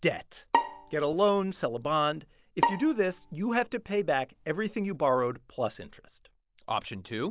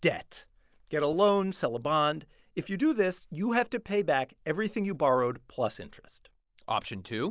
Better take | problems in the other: second | background sound (Bowed string instrument); 5 dB below the speech

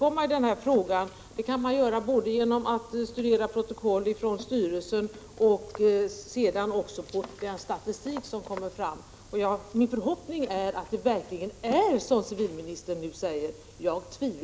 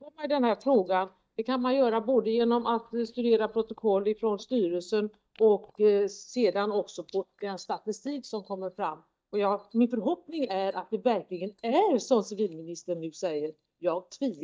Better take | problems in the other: first | noise reduction (neural mask model DeepFilterNet 3)

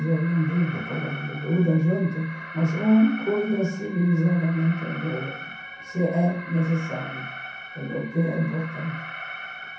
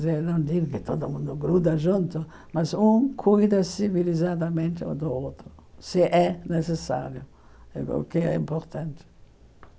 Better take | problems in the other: second | background sound (Alarm); 12 dB below the speech // room echo; dies away in 0.6 s

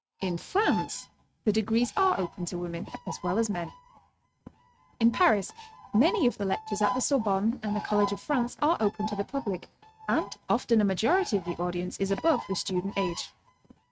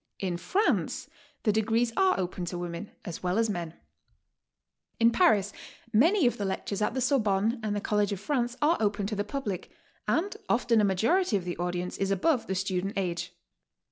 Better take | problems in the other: second | noise reduction (neural mask model RNNoise)

